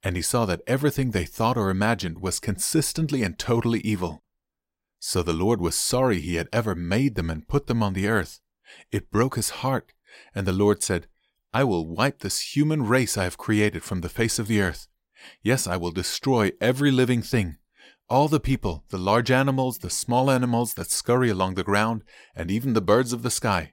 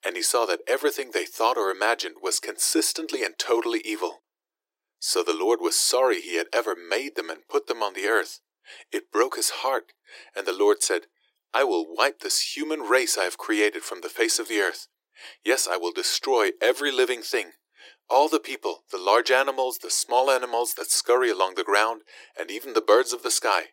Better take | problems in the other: first | thin; very; fading below 350 Hz

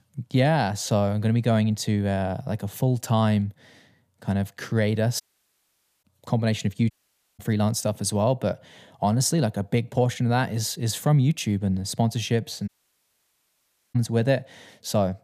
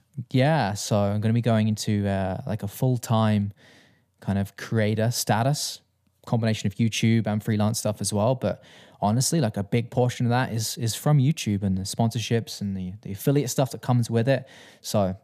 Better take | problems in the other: second | audio cutting out; at 5 s for 1 s, at 7 s and at 13 s for 1.5 s

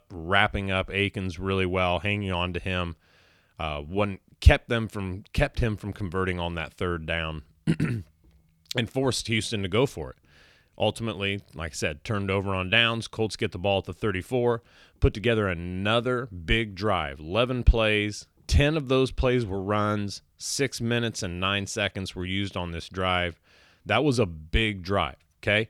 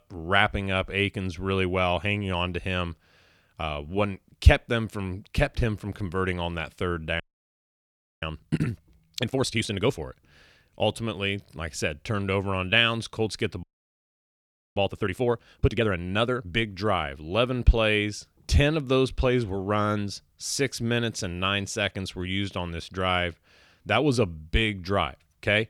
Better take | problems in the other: first | audio freezing; at 7 s for 1 s and at 14 s for 1 s

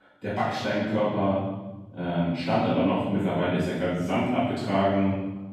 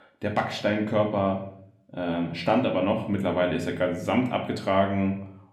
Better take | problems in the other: second | room echo; strong; dies away in 1.2 s; slight in the second // off-mic speech; far; somewhat distant in the second

